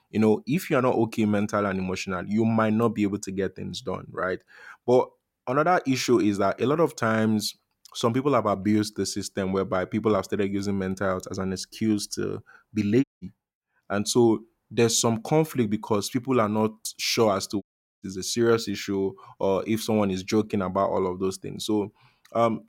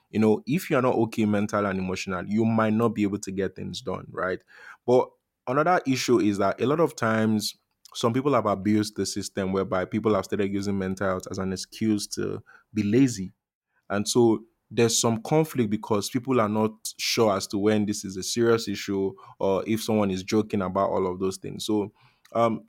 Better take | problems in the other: second | audio cutting out; at 13 s and at 18 s

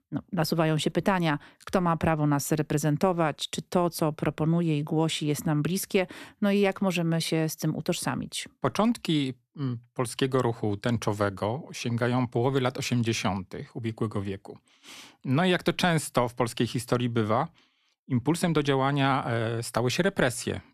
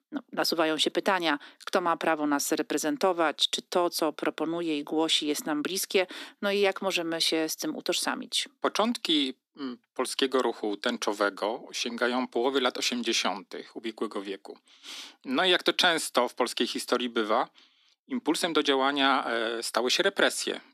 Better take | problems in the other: first | thin; somewhat; fading below 250 Hz

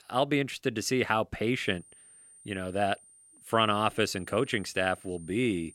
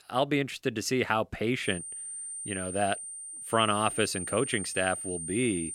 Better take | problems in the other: first | high-pitched whine; loud; from 1.5 s on; 9 kHz, 6 dB below the speech; faint in the first

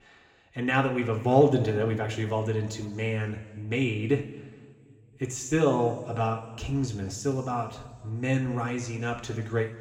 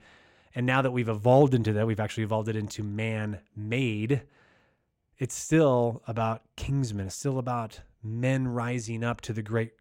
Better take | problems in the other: second | room echo; slight; dies away in 1.8 s // off-mic speech; somewhat distant

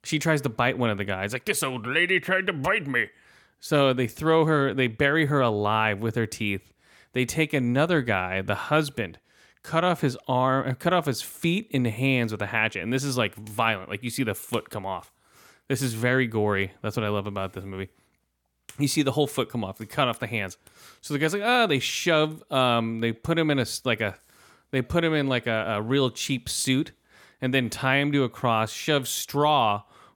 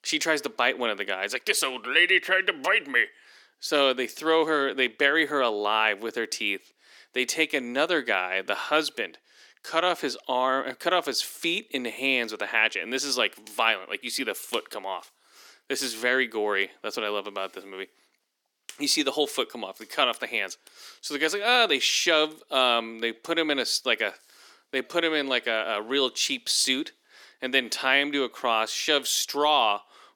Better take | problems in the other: first | thin; somewhat; fading below 300 Hz

